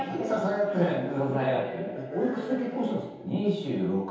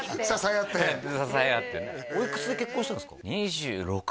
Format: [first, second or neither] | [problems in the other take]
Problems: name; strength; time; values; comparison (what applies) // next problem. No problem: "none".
second | room echo; dies away in 0.8 s